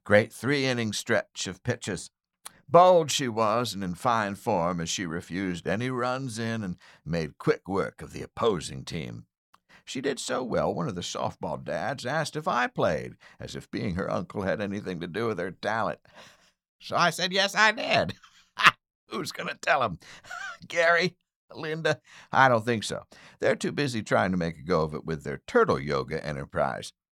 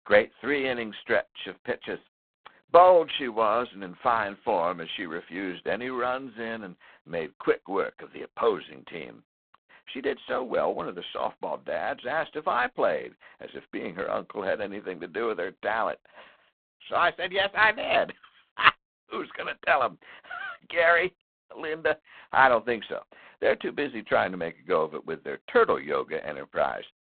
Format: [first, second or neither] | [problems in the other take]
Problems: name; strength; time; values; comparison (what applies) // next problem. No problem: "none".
first | phone-call audio; poor line; nothing above 3.5 kHz